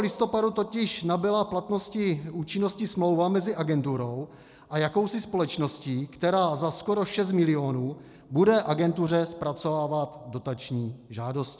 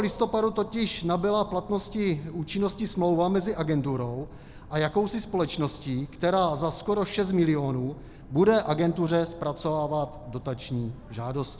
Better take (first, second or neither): first